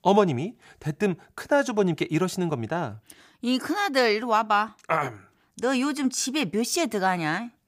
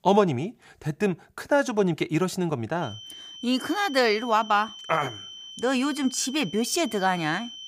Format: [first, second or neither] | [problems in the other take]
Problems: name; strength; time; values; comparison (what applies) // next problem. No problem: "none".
first | high-pitched whine; noticeable; from 3 s on; 3 kHz, 15 dB below the speech